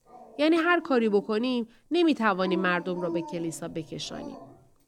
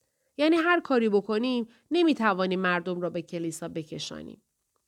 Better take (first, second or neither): second